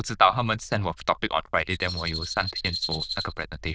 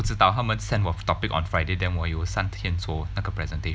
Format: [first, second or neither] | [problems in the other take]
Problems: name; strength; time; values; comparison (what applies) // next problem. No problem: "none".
second | noise reduction (neural diffusion model UNIVERSE++)